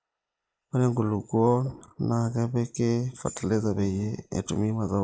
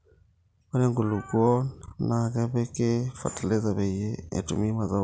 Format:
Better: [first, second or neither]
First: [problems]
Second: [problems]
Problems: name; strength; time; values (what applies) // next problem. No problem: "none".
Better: second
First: noise reduction (neural mask model Resemble Enhance denoiser)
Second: none